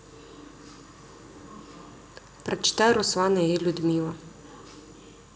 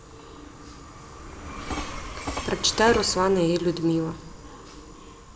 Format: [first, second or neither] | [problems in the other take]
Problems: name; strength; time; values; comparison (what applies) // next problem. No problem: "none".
first | background sound (Train); 10 dB below the speech